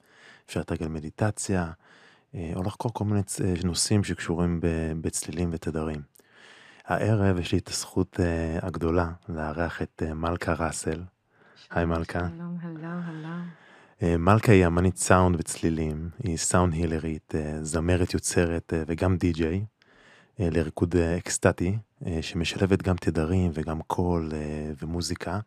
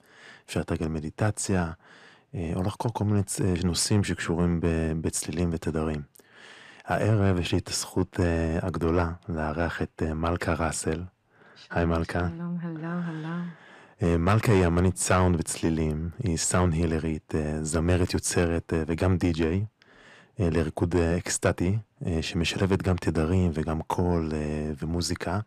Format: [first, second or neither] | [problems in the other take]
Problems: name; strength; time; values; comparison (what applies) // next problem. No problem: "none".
first | distortion; slight; 10 dB below the speech